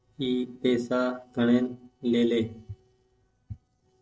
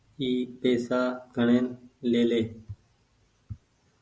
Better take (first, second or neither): second